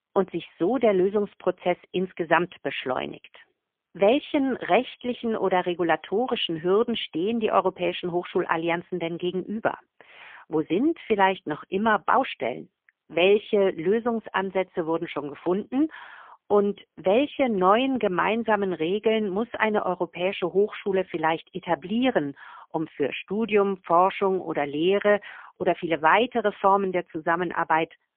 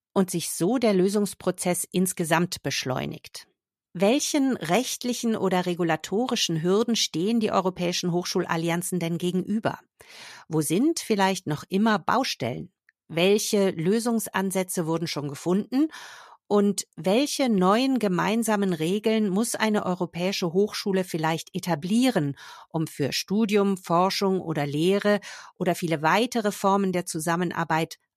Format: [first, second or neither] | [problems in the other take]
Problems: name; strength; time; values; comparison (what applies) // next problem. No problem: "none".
second | phone-call audio; poor line; nothing above 3.5 kHz